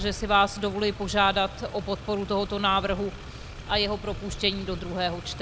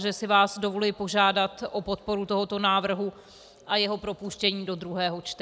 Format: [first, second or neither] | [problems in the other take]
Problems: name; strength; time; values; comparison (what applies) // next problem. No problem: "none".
second | background sound (Motor vehicle (road)); 11 dB below the speech